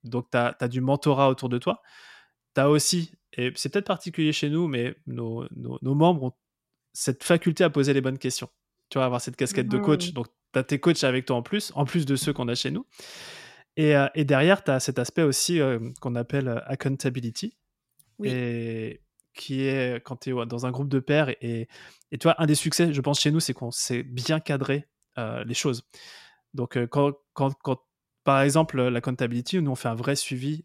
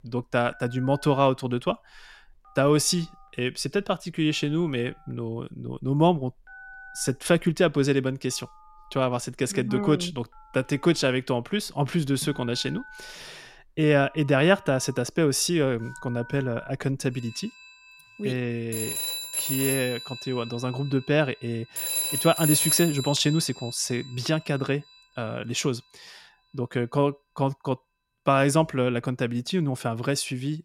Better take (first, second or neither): first